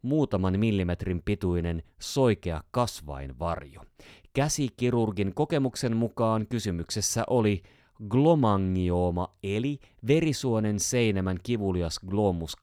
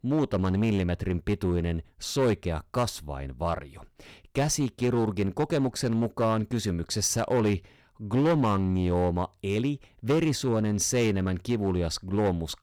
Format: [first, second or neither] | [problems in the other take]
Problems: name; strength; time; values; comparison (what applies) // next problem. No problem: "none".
first | distortion; slight; 6% of the sound clipped